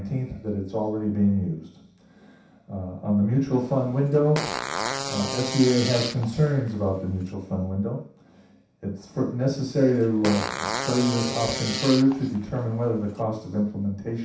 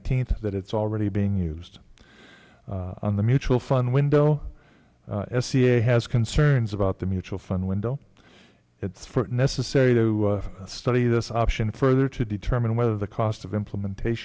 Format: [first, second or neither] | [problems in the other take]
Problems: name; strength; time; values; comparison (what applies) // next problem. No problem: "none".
second | background sound (Fart); 7 dB below the speech // room echo; dies away in 0.7 s